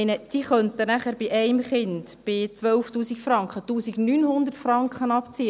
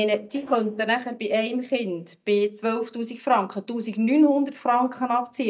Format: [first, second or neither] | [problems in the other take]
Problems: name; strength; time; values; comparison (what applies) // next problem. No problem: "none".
first | noise reduction (neural mask model DeepFilterNet 3)